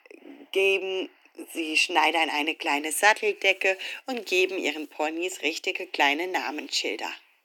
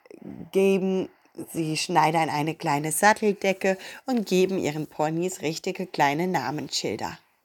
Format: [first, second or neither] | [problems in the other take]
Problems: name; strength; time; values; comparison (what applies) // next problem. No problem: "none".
second | thin; somewhat; fading below 250 Hz